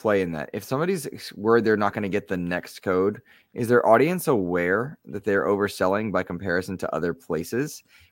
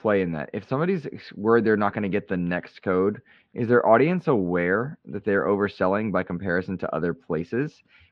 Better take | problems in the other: first | muffled; slightly; fading above 3.5 kHz

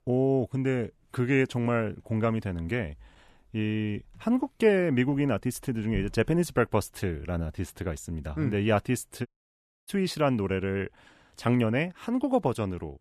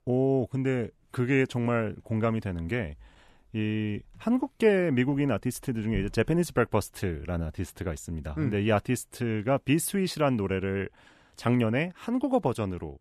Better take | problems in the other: second | audio cutting out; at 9.5 s for 0.5 s

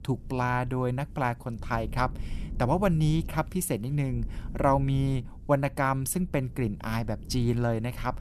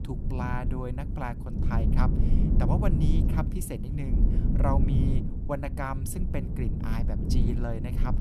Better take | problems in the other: first | low rumble; loud; throughout; 3 dB below the speech; faint in the first

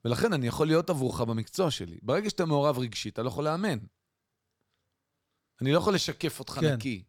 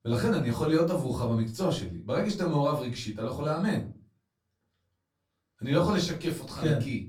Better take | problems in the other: first | room echo; slight; dies away in 0.3 s // off-mic speech; far

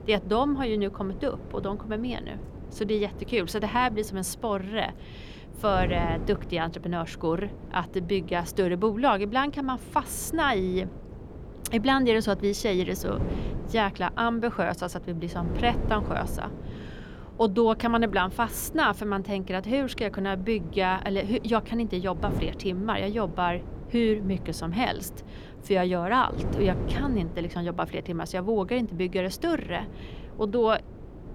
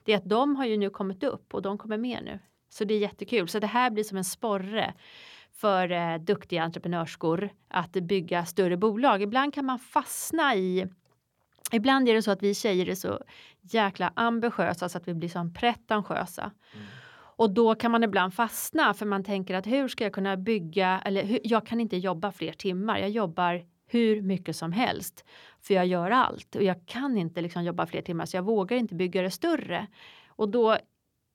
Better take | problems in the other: second | wind noise on the microphone; occasional gusts; 15 dB below the speech

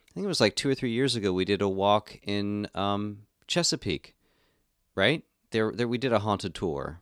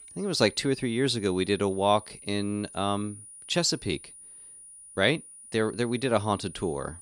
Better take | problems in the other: first | high-pitched whine; noticeable; throughout; 9.5 kHz, 15 dB below the speech

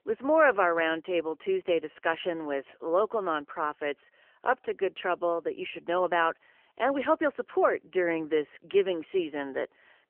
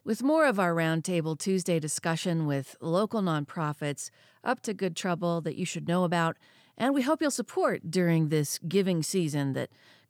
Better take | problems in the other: second | phone-call audio; nothing above 3 kHz

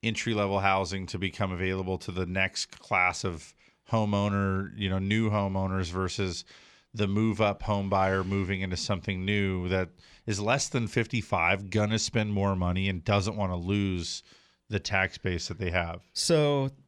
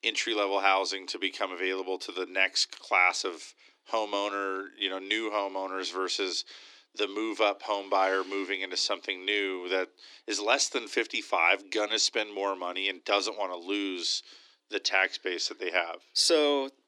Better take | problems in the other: first | thin; very; fading below 300 Hz

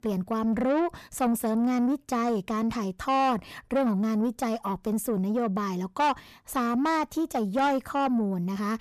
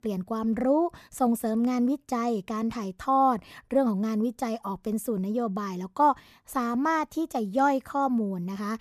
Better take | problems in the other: second | distortion; slight; 10 dB below the speech

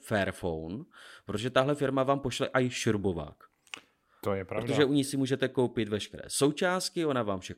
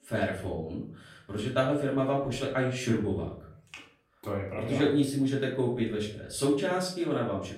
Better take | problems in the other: first | room echo; slight; dies away in 0.5 s // off-mic speech; far

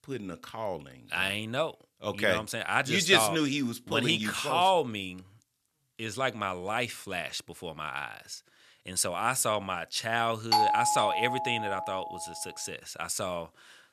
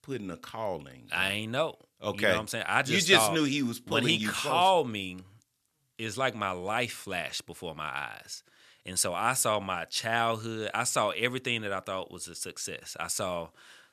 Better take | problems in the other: second | doorbell; loud; from 11 to 12 s; peak 5 dB above the speech

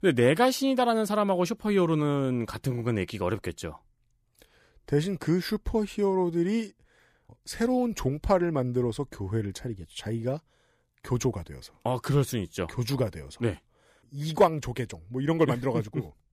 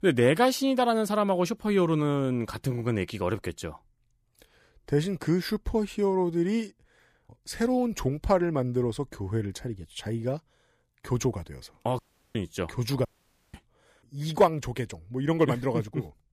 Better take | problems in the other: first | audio cutting out; at 12 s and at 13 s

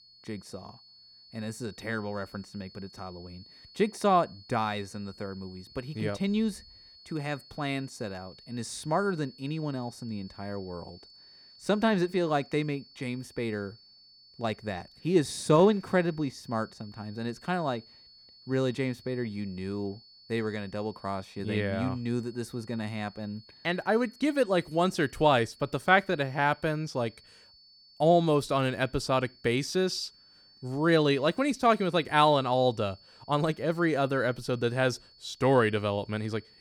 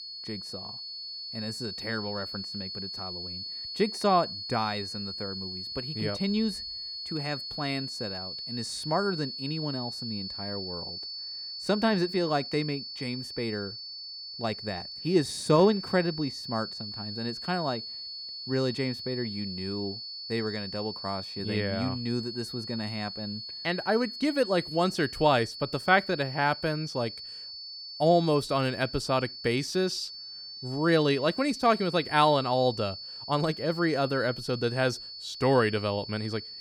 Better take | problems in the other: first | high-pitched whine; loud; throughout; 4.5 kHz, 8 dB below the speech; faint in the first

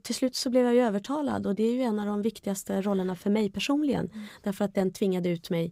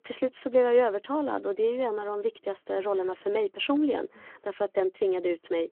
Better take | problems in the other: first | phone-call audio

